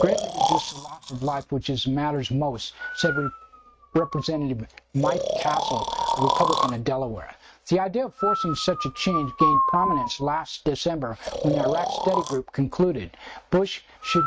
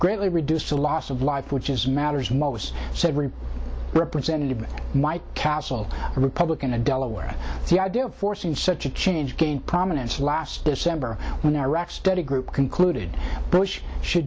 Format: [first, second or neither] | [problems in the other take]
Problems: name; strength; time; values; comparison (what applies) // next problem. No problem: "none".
second | noise reduction (neural mask model RNNoise)